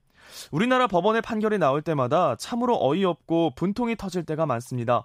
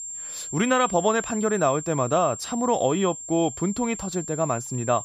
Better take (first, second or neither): first